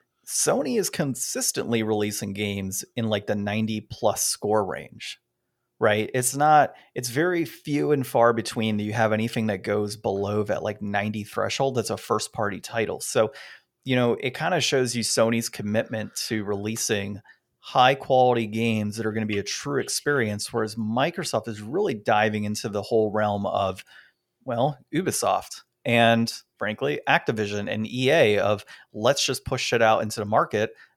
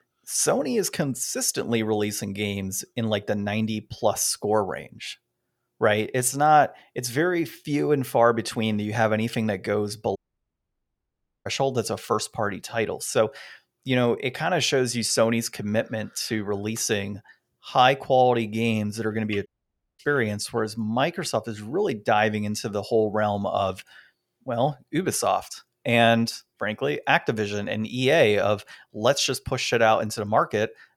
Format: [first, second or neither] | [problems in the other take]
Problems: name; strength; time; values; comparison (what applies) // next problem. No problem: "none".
first | audio cutting out; at 10 s for 1.5 s and at 19 s for 0.5 s